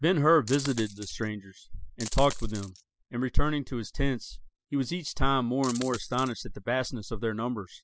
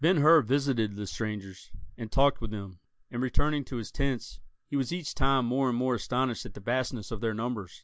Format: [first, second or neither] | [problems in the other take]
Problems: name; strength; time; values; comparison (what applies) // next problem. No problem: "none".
second | noise reduction (classical method spectral subtraction)